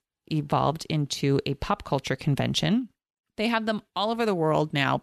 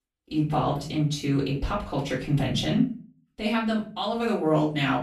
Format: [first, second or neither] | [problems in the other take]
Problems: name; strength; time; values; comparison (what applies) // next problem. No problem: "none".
first | room echo; slight; dies away in 0.4 s // off-mic speech; far